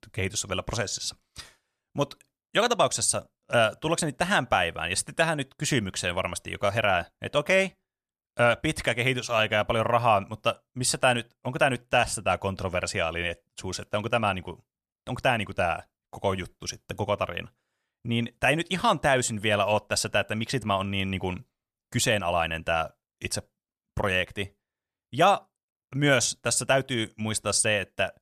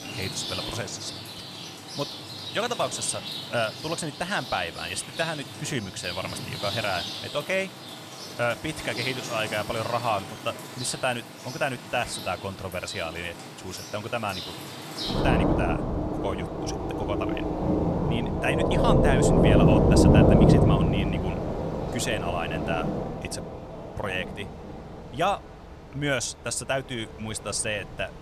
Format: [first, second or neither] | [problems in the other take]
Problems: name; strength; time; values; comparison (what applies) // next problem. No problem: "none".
first | rain or running water; very loud; throughout; 4 dB above the speech